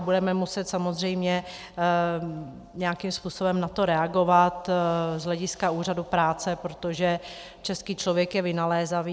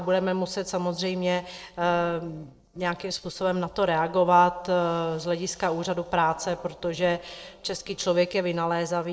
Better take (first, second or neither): first